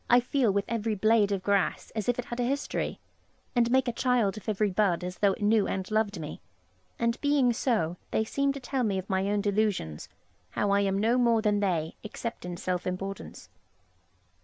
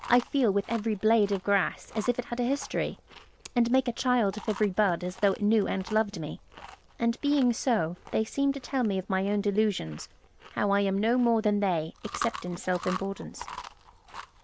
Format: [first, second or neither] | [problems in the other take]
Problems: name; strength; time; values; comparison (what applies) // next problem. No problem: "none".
first | background sound (Chewing, mastication); 17 dB below the speech